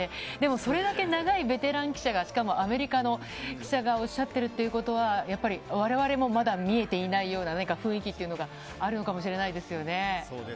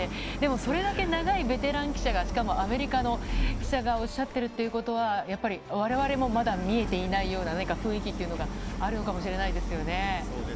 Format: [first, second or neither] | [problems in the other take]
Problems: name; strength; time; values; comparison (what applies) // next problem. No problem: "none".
first | background sound (Idling); 4 dB below the speech